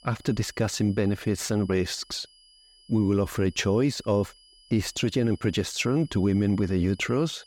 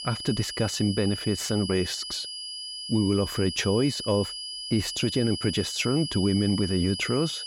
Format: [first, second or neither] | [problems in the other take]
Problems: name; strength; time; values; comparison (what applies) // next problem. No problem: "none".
first | high-pitched whine; loud; throughout; 5 kHz, 6 dB below the speech; faint in the first